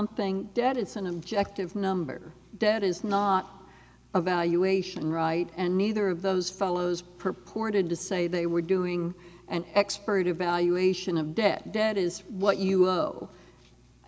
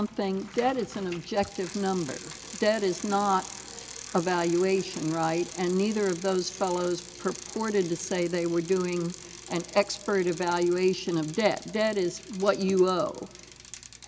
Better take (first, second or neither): first